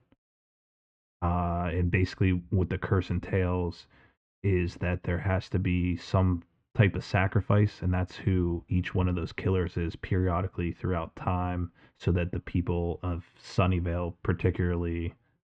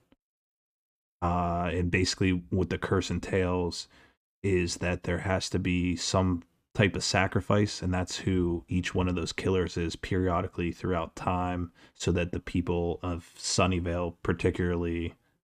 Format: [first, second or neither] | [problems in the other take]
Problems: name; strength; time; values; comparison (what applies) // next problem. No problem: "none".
second | muffled; slightly; fading above 2.5 kHz